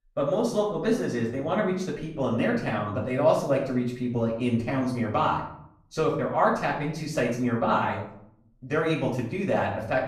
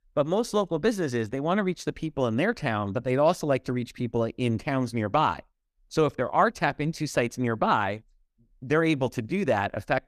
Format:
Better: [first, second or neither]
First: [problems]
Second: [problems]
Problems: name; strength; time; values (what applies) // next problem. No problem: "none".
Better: second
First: off-mic speech; far // room echo; noticeable; dies away in 0.5 s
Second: none